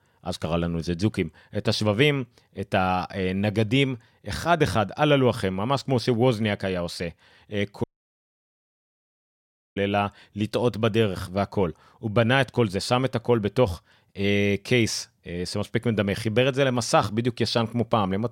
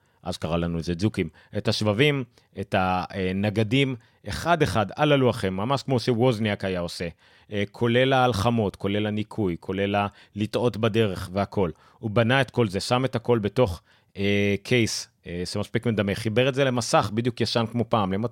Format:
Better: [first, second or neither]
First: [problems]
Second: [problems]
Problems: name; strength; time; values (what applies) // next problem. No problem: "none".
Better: second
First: audio cutting out; at 8 s for 2 s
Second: none